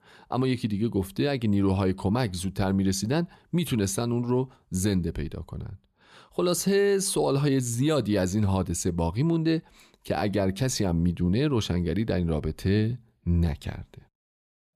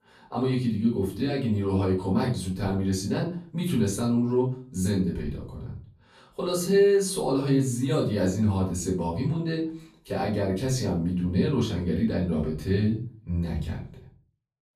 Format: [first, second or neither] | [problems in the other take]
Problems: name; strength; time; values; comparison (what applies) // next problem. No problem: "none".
first | off-mic speech; far // room echo; slight; dies away in 0.4 s